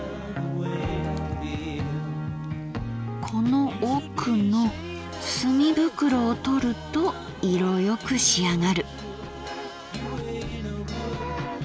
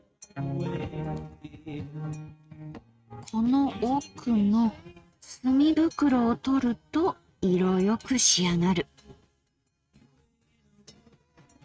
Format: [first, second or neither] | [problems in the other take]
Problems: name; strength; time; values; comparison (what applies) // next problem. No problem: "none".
first | noise reduction (neural mask model RNNoise)